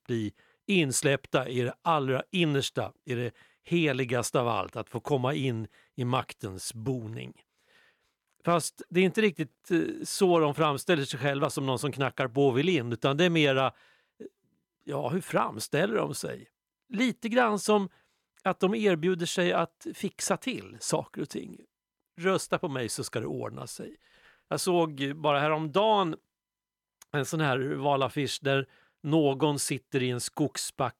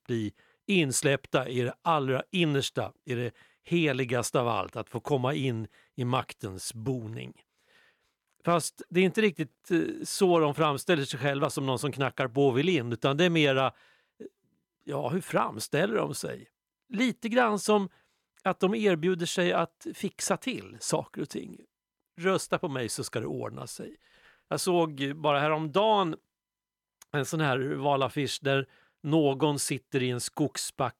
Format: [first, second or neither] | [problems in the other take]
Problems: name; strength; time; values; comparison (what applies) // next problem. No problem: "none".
neither | none